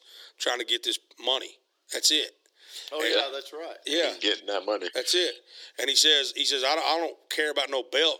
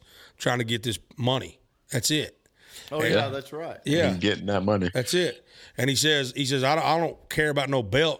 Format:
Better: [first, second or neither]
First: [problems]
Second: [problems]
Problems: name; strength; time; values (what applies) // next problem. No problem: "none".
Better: second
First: thin; very; fading below 300 Hz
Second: none